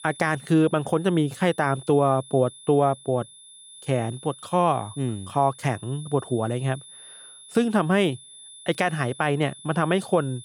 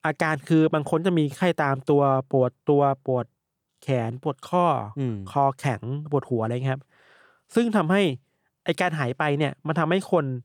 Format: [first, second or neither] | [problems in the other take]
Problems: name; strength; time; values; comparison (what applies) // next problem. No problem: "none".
second | high-pitched whine; noticeable; throughout; 10.5 kHz, 20 dB below the speech